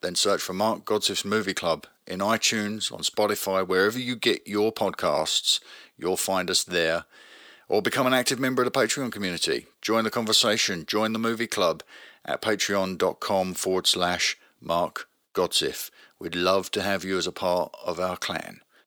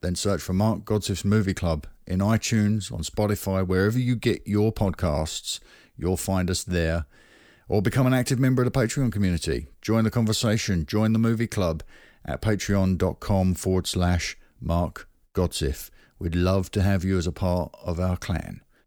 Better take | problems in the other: second | thin; somewhat; fading below 400 Hz

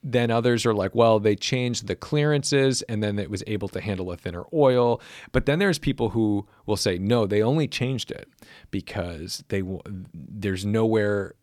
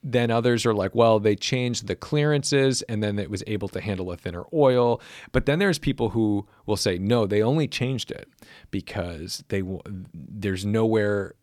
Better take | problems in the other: neither | none

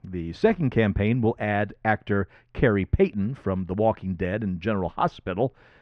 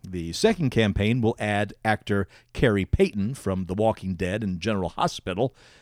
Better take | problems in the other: second | muffled; very; fading above 2 kHz

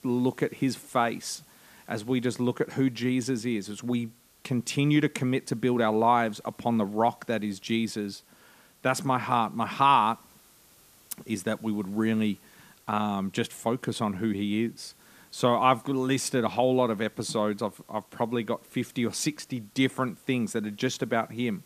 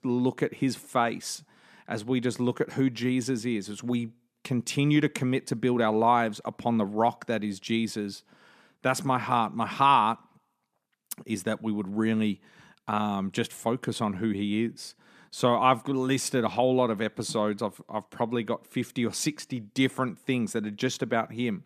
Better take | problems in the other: second | hiss; faint; throughout; 30 dB below the speech

